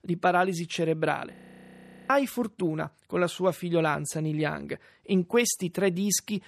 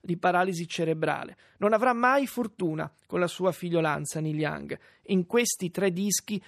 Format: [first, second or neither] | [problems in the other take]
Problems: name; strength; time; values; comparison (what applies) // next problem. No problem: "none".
second | audio freezing; at 1.5 s for 1 s